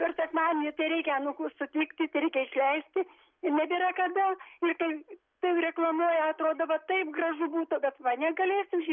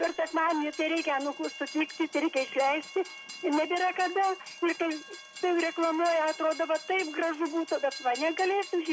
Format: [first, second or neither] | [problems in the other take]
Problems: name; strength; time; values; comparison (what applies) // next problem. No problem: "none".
first | background sound (Train); 15 dB below the speech